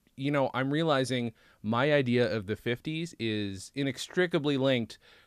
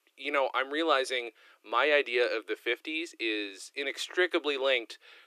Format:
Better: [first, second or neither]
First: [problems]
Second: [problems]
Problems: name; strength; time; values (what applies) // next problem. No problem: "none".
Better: first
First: none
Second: thin; very; fading below 300 Hz